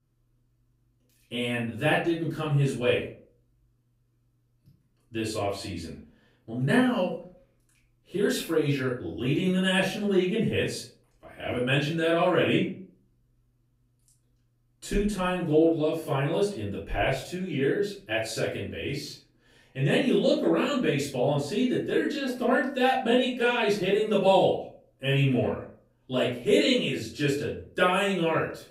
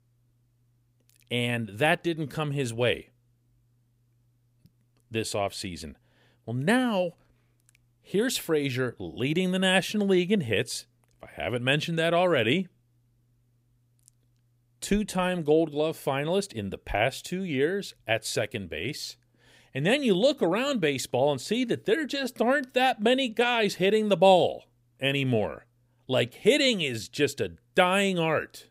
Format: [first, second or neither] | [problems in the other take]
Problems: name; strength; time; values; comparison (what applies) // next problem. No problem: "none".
second | off-mic speech; far // room echo; noticeable; dies away in 0.4 s